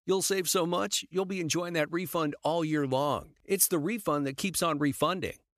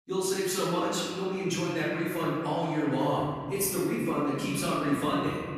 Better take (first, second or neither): first